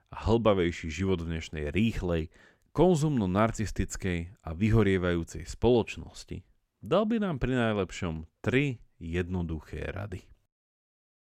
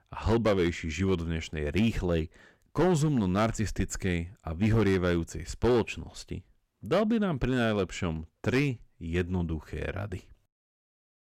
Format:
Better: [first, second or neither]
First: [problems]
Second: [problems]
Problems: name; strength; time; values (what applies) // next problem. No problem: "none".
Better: first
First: none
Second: distortion; slight; 5% of the sound clipped